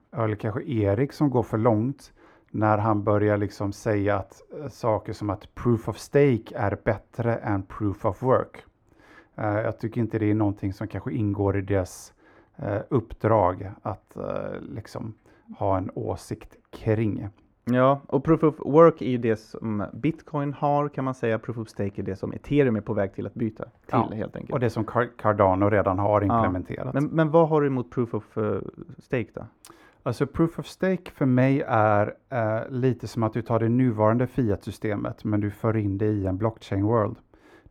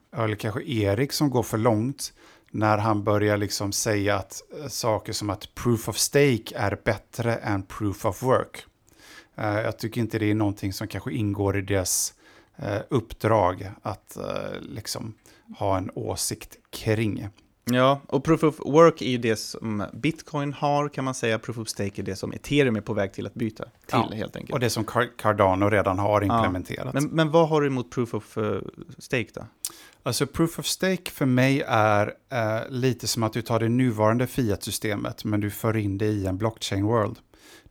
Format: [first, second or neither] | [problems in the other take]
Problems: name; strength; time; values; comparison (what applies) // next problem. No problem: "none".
second | muffled; very; fading above 2.5 kHz